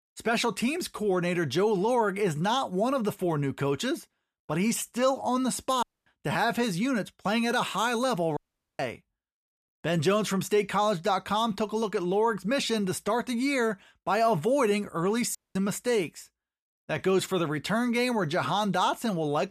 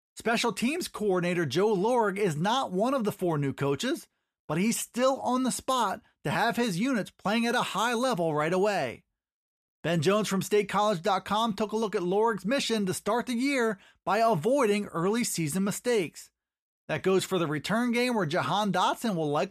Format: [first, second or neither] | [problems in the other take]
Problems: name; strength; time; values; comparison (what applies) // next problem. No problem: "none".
second | audio cutting out; at 6 s, at 8.5 s and at 15 s